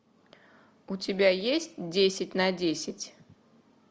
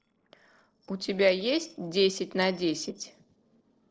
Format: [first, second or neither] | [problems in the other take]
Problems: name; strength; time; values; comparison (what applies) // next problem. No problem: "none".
first | noise reduction (neural separator model SepFormer DNS4)